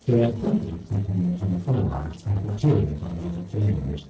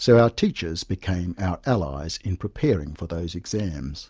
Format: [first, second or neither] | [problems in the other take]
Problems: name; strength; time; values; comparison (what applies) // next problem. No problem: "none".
second | noise reduction (neural separator model SepFormer DNS4)